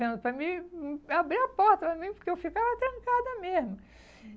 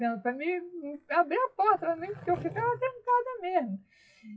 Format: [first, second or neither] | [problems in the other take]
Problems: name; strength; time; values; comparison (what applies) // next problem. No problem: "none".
first | noise reduction (classical method WPE with log-MMSE)